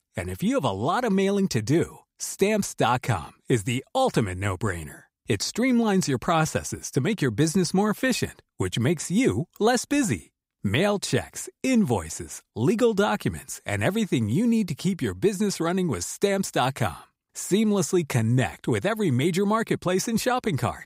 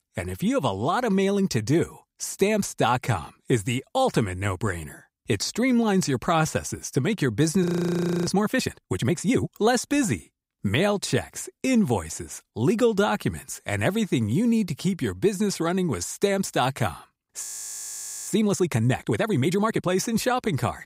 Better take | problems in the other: first | audio freezing; at 7.5 s for 0.5 s and at 17 s for 1 s

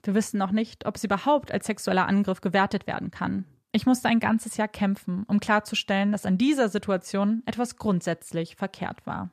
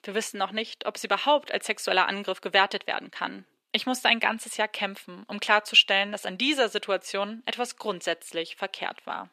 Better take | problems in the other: first | thin; somewhat; fading below 350 Hz

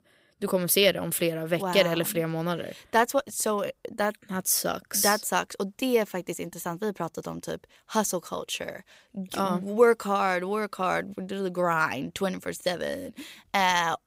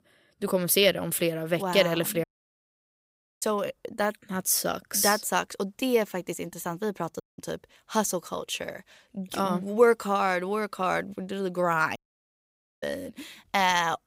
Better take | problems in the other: first | audio cutting out; at 2 s for 1 s, at 7 s and at 12 s for 1 s

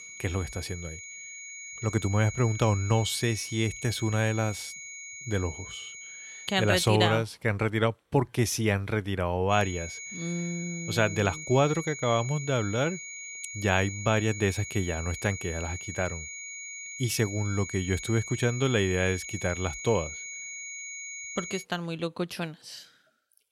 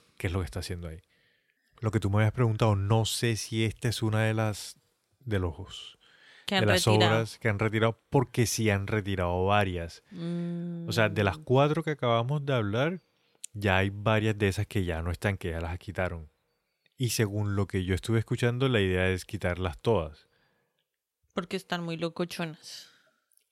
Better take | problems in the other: second | high-pitched whine; loud; until 7 s and from 9.5 to 22 s; 2 kHz, 10 dB below the speech

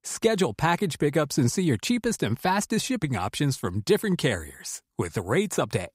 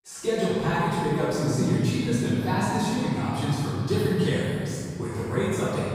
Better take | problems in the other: first | off-mic speech; far // room echo; strong; dies away in 3 s

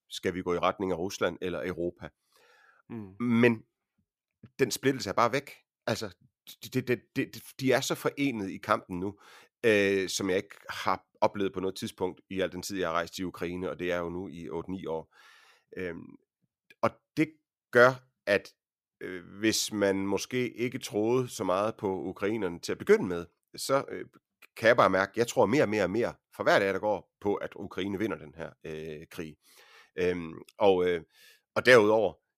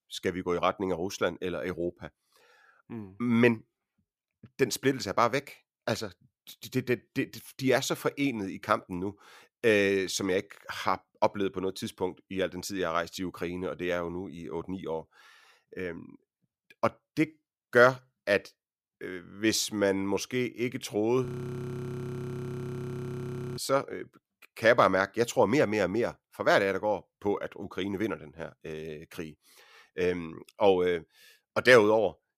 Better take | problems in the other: first | audio freezing; at 21 s for 2.5 s

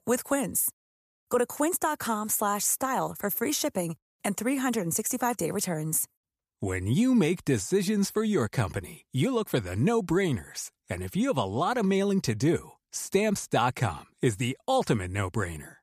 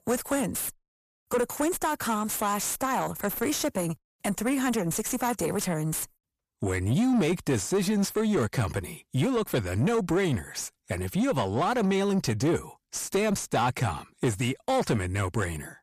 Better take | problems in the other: first | distortion; slight; 10 dB below the speech

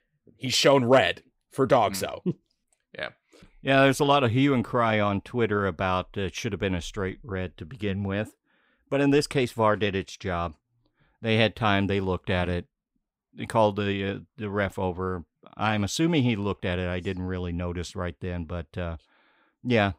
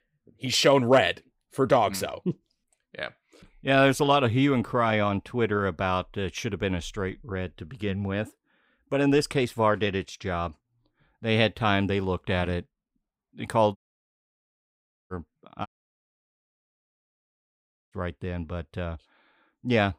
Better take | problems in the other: first | audio cutting out; at 14 s for 1.5 s and at 16 s for 2.5 s

